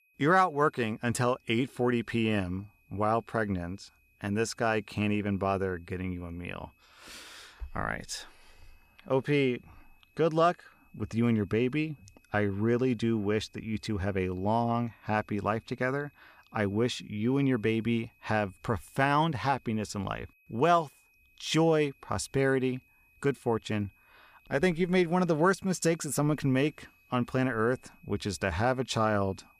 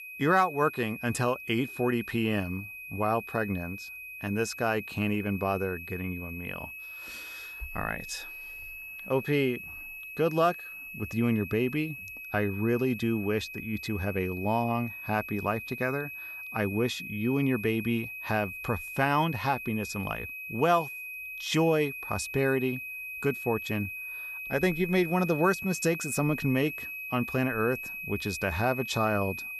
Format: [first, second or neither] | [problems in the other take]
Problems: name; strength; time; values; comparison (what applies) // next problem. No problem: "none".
first | high-pitched whine; loud; throughout; 2.5 kHz, 8 dB below the speech; faint in the first